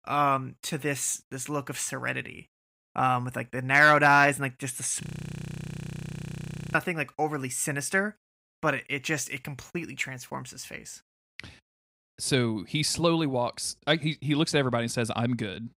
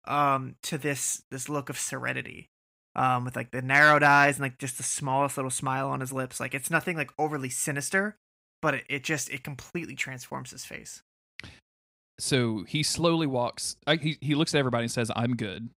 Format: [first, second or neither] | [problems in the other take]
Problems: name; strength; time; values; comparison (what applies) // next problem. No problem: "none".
second | audio freezing; at 5 s for 1.5 s